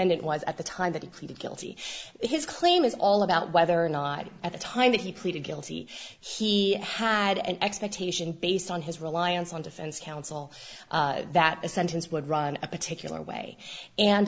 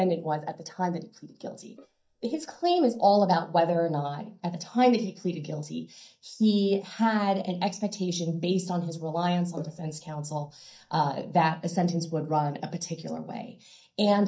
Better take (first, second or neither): first